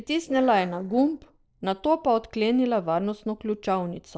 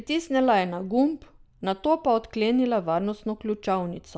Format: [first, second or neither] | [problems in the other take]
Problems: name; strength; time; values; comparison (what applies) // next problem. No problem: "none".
second | noise reduction (neural separator model SepFormer DNS4)